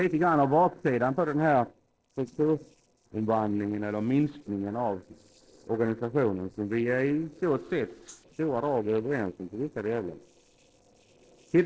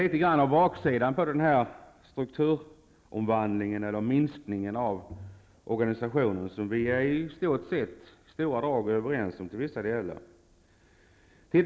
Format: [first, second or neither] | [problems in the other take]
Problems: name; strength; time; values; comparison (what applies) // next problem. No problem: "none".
second | noise reduction (neural separator model SepFormer DNS4)